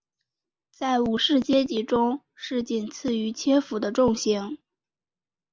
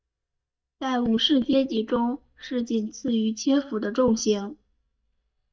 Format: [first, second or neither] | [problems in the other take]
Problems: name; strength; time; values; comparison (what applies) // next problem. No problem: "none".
first | noise reduction (neural mask model DeepFilterNet 3)